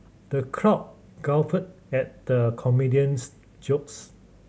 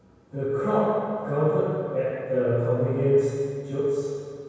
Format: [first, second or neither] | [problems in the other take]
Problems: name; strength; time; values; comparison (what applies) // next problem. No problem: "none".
first | room echo; dies away in 2.2 s